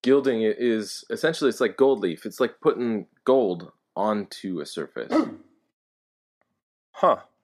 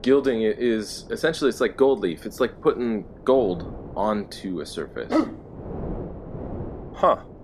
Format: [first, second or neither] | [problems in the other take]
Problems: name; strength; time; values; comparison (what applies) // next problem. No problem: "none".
first | wind noise on the microphone; occasional gusts; 20 dB below the speech